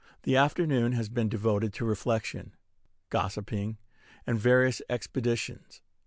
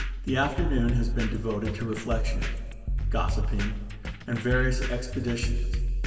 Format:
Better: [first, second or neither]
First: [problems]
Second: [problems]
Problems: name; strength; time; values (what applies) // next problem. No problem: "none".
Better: first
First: none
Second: background sound (Drum kit); 2 dB above the speech // room echo; dies away in 2.2 s